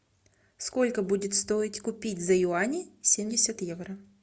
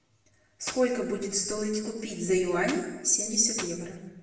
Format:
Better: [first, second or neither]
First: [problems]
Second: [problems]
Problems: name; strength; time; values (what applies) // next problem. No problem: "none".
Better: first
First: none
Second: background sound (Clapping); 13 dB below the speech // room echo; dies away in 0.9 s